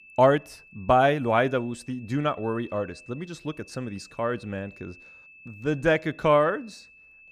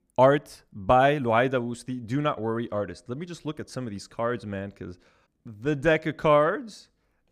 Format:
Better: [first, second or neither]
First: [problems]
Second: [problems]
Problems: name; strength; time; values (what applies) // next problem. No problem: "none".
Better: second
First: high-pitched whine; faint; throughout; 2.5 kHz, 25 dB below the speech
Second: none